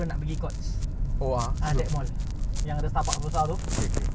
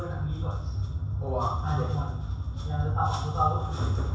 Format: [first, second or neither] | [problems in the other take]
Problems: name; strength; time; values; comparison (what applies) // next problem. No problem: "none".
first | room echo; dies away in 0.7 s